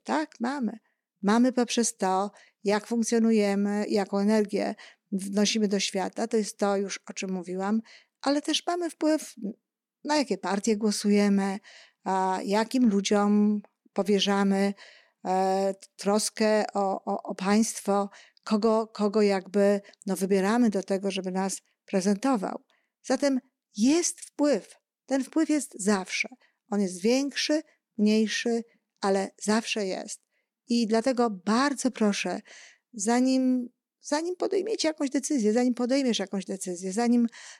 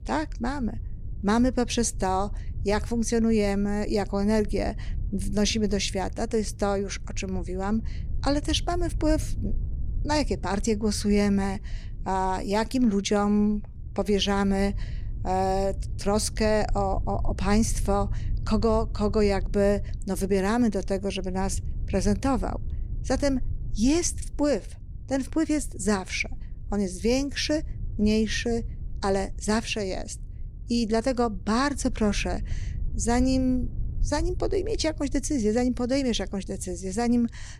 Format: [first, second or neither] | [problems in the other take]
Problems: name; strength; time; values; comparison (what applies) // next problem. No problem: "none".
first | low rumble; faint; throughout; 25 dB below the speech